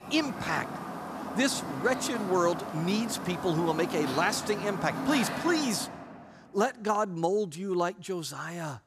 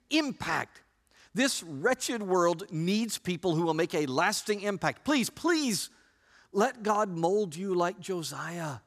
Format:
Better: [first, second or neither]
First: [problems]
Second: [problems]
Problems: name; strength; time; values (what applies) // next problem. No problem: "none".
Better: second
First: animal sounds; loud; until 5.5 s; 6 dB below the speech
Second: none